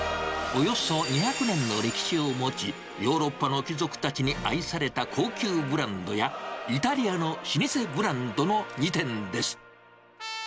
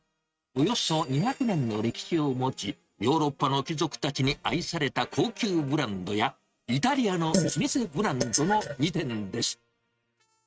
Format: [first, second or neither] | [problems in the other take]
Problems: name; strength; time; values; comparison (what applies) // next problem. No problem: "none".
first | noise reduction (neural mask model RNNoise)